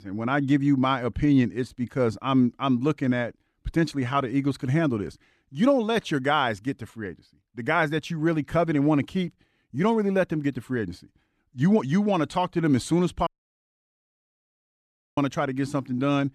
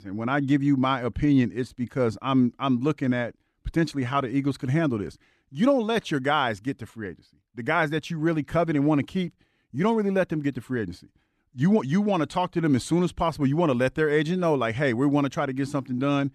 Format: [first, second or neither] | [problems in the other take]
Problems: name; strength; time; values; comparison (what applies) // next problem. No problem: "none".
second | audio cutting out; at 13 s for 2 s